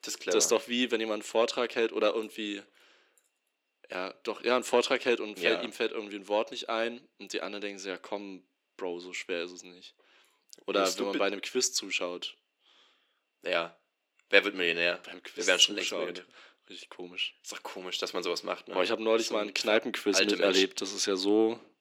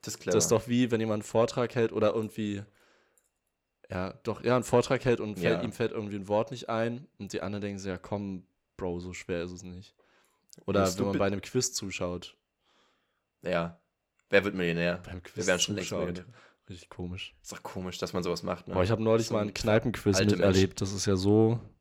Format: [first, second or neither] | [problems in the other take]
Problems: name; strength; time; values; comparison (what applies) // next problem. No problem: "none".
second | thin; somewhat; fading below 300 Hz